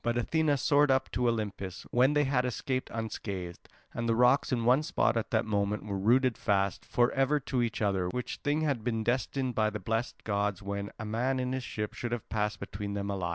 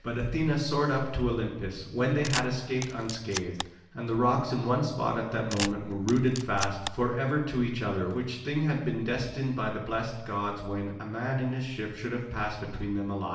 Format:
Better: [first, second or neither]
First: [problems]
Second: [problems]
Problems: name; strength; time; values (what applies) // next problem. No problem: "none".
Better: first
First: none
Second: background sound (Camera); 8 dB below the speech // room echo; dies away in 0.9 s